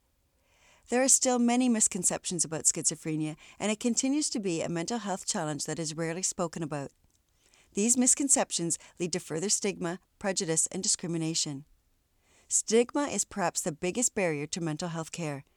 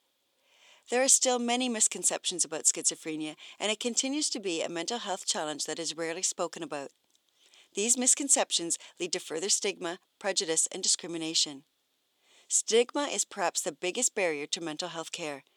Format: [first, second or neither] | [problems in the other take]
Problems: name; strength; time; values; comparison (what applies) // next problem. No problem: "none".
first | thin; very slightly; fading below 400 Hz